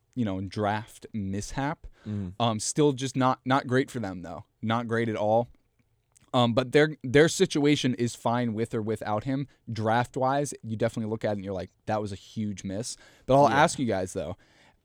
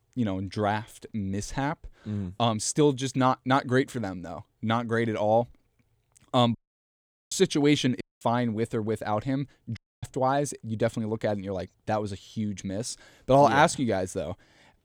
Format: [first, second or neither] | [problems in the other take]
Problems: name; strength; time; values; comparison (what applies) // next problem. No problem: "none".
first | audio cutting out; at 6.5 s for 1 s, at 8 s and at 10 s